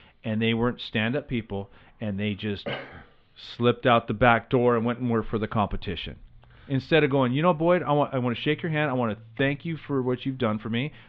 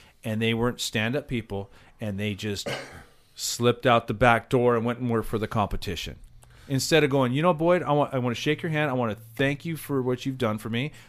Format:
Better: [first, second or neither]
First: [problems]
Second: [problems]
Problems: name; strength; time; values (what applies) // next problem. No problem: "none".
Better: second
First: muffled; very; fading above 3.5 kHz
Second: none